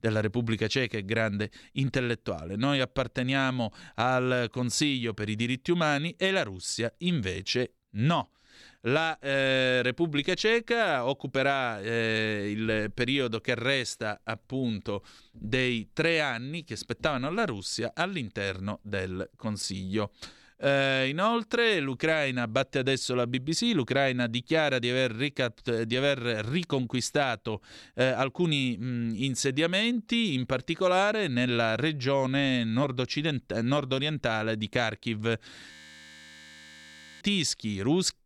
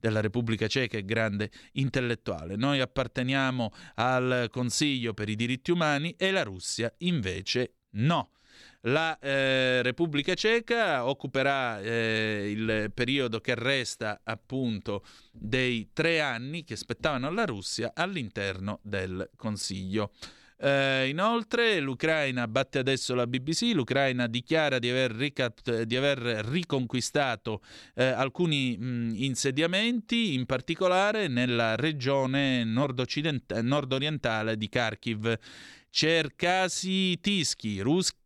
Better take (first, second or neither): second